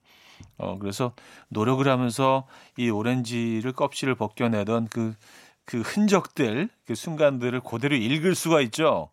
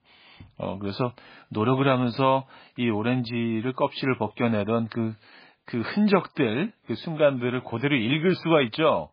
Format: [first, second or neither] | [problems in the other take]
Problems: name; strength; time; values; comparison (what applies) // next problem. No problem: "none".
first | garbled, watery; badly; nothing above 4 kHz